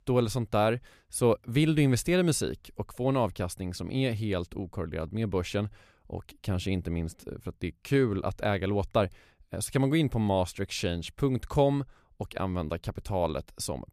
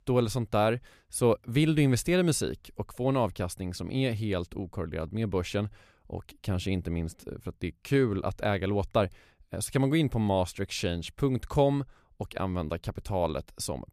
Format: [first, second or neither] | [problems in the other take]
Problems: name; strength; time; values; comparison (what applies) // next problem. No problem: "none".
neither | none